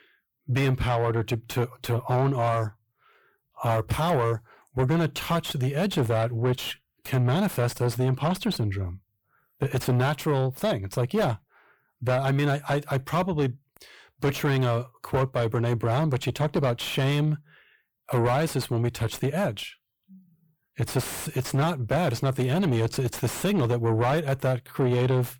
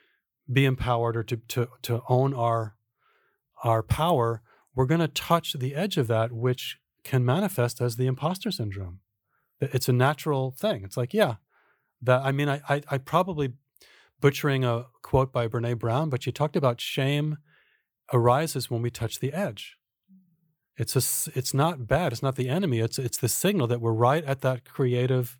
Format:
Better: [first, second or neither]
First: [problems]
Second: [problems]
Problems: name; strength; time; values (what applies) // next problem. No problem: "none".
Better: second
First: distortion; heavy; 7 dB below the speech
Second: none